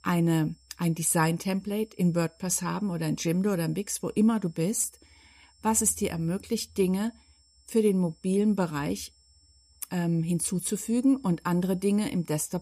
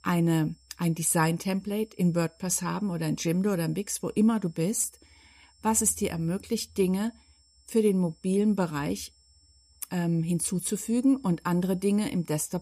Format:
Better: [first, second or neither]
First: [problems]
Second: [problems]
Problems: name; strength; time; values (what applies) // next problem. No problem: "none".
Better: neither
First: high-pitched whine; faint; throughout; 5.5 kHz, 35 dB below the speech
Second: high-pitched whine; faint; throughout; 5.5 kHz, 35 dB below the speech